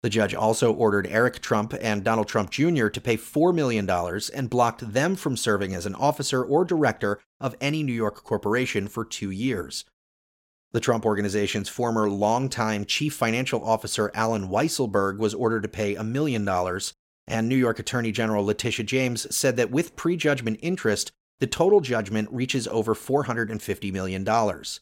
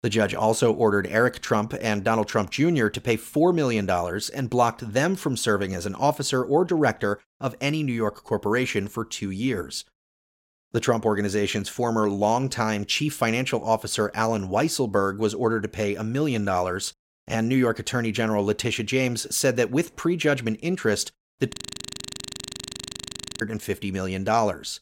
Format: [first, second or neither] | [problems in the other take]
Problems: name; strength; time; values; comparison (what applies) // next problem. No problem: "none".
first | audio freezing; at 22 s for 2 s